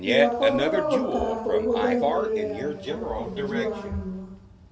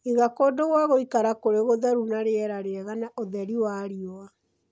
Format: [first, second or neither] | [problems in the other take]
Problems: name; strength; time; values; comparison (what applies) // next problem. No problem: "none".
second | background sound (Fart); 1 dB below the speech // room echo; dies away in 1.1 s